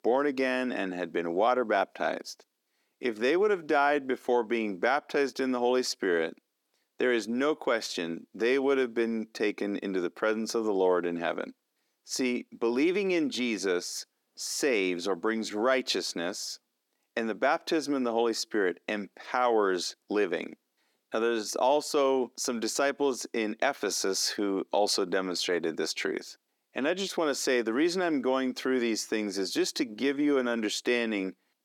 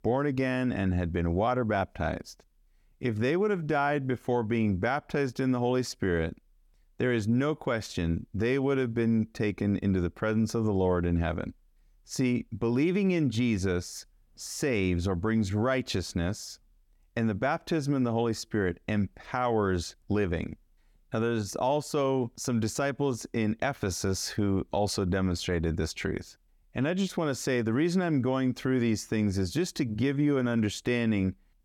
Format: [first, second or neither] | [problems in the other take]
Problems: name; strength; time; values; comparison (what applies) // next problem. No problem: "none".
second | thin; somewhat; fading below 300 Hz